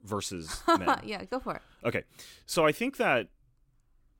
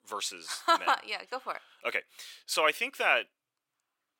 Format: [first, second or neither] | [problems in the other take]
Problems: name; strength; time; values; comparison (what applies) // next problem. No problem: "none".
first | thin; very; fading below 700 Hz